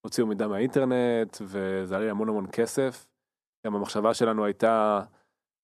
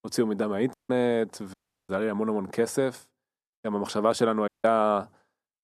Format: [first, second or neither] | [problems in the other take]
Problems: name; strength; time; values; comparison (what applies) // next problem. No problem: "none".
first | audio cutting out; at 0.5 s, at 1.5 s and at 4.5 s